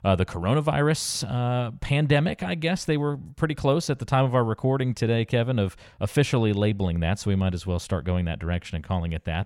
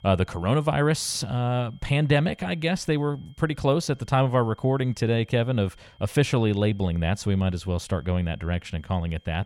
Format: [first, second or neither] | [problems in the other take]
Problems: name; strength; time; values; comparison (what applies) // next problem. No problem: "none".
first | high-pitched whine; faint; throughout; 3 kHz, 35 dB below the speech